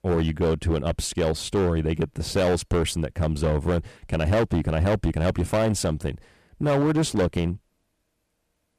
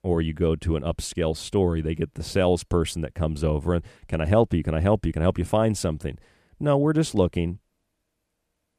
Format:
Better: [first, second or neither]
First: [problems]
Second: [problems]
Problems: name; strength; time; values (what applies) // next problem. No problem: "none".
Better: second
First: distortion; heavy; 11% of the sound clipped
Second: none